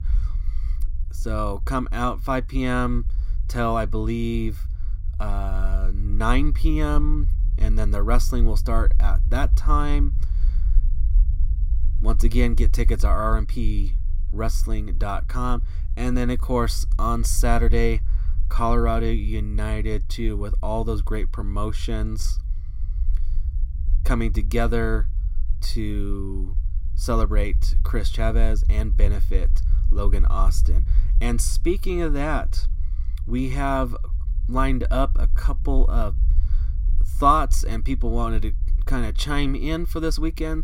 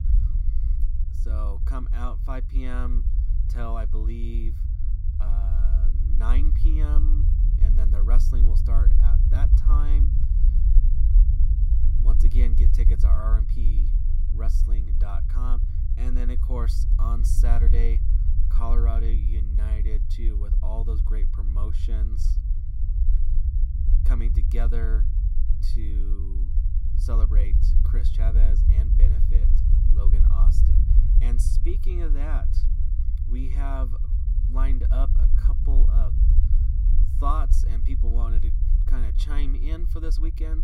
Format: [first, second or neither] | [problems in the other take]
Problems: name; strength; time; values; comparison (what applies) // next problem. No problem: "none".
first | low rumble; loud; throughout; 5 dB below the speech; faint in the first